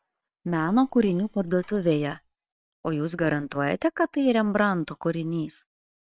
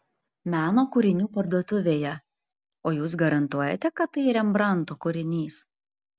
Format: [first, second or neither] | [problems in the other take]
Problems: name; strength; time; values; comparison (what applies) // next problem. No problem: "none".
second | noise reduction (neural separator model SepFormer WHAM!)